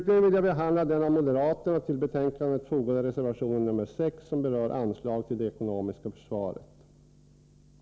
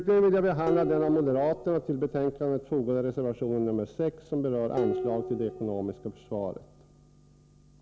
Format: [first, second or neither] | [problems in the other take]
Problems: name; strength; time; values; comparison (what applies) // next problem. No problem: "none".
first | background sound (Dishes, pots, and pans); 10 dB below the speech